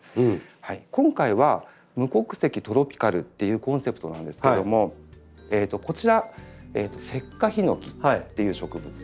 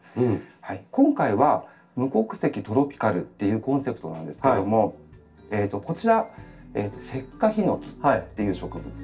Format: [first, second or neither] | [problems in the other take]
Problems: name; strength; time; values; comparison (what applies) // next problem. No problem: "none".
first | room echo; dies away in 0.2 s